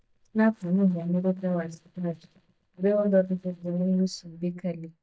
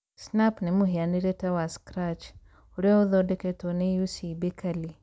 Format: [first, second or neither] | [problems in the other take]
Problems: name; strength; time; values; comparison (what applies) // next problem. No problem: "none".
second | noise reduction (neural mask model DeepFilterNet 3)